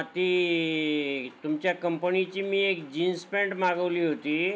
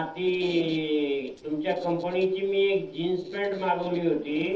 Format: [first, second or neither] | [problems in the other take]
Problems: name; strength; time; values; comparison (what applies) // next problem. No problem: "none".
first | noise reduction (neural separator model SepFormer DNS4)